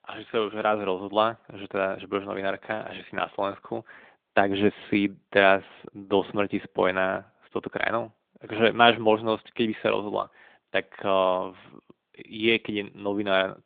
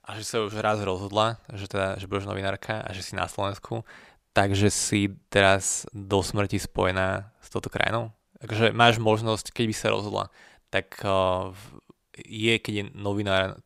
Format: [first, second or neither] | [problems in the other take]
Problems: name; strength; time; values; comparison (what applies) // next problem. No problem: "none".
second | phone-call audio; nothing above 3.5 kHz